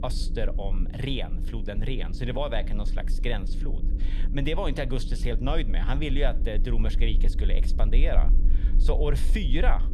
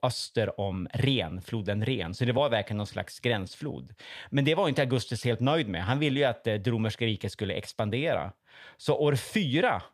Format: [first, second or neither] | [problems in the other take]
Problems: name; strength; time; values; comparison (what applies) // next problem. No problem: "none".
second | low rumble; noticeable; throughout; 15 dB below the speech